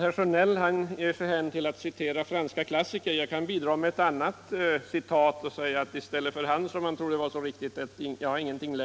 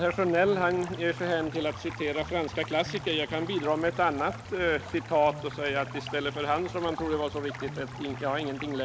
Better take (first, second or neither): first